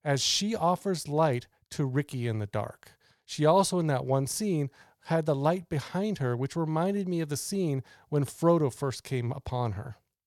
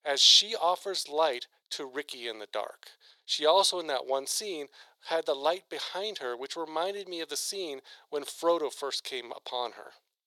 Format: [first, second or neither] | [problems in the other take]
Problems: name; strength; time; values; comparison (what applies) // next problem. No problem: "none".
first | thin; very; fading below 400 Hz